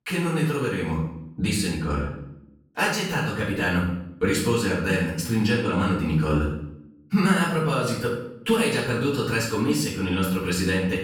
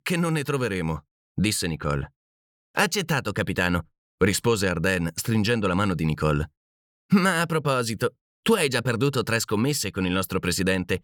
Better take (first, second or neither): second